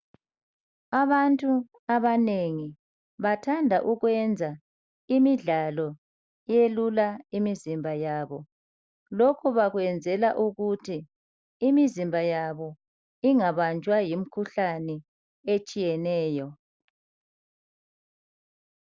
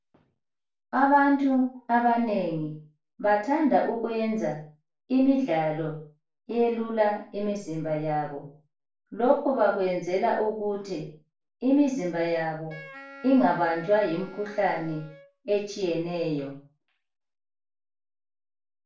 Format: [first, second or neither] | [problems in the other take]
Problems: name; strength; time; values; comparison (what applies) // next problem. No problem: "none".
first | background sound (Wind instrument, woodwind instrument); 20 dB below the speech // room echo; dies away in 0.3 s